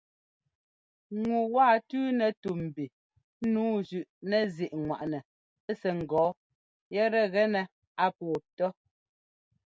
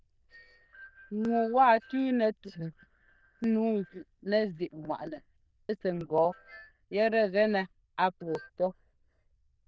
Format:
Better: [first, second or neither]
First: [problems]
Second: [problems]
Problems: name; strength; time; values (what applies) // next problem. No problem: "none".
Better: first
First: none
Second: noise reduction (neural diffusion model UNIVERSE++)